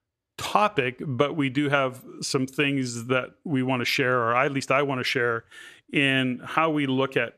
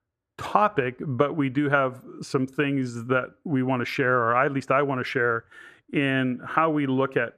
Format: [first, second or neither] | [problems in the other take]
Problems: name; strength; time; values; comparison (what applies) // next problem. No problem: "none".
first | muffled; slightly; fading above 2 kHz